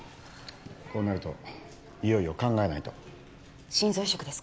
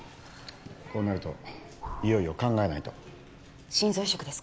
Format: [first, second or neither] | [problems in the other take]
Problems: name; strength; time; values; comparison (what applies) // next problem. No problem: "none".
first | background sound (Breathing); 14 dB below the speech